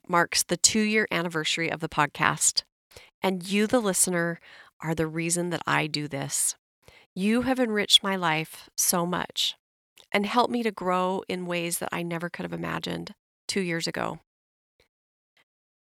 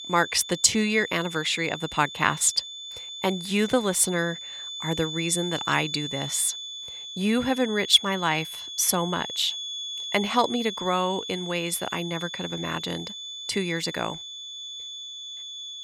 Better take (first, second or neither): first